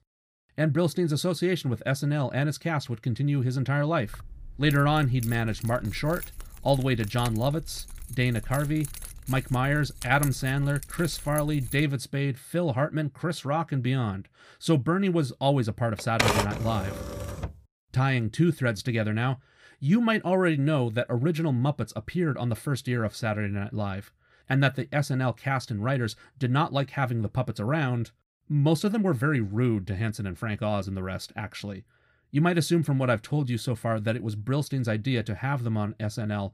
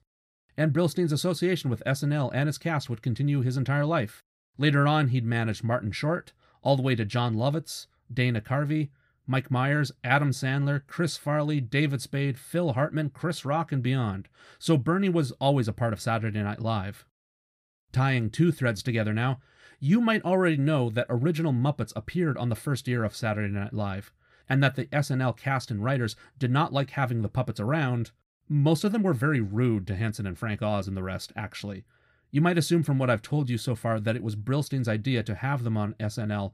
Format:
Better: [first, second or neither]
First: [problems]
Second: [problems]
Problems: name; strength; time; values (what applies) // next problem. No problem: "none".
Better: second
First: jangling keys; noticeable; from 4 to 12 s; peak 8 dB below the speech // keyboard typing; loud; from 16 to 17 s; peak 3 dB above the speech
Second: none